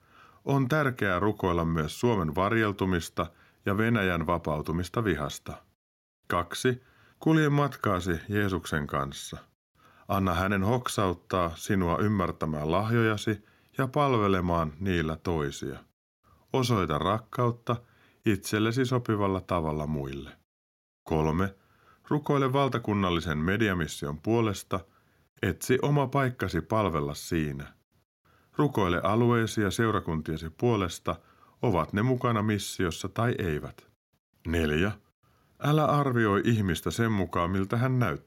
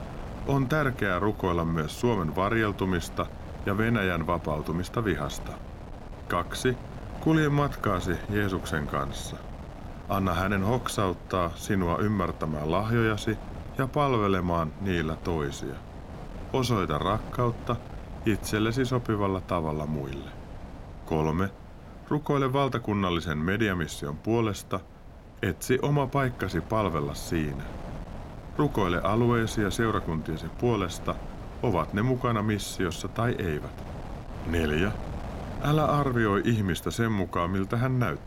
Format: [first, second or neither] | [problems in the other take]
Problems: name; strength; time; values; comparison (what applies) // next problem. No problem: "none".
first | wind noise on the microphone; occasional gusts; 15 dB below the speech